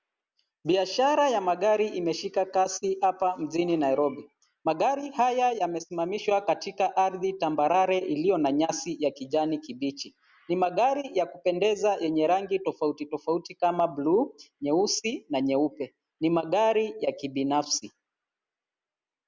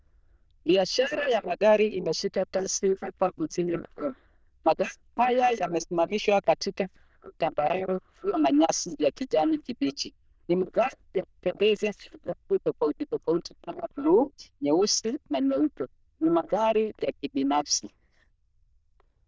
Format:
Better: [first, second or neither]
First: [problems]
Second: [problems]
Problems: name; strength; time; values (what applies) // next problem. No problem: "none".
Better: first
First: none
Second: noise reduction (neural diffusion model UNIVERSE++)